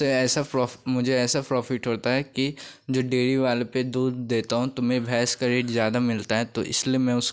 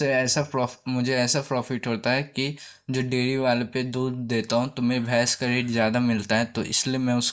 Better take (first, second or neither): first